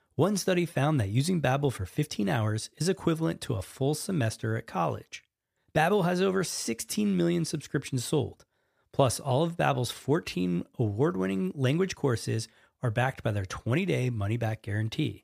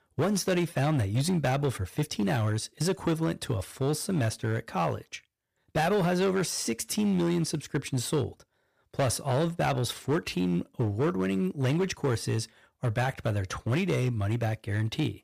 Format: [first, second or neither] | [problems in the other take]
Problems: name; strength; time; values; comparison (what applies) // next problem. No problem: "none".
first | distortion; slight; 9% of the sound clipped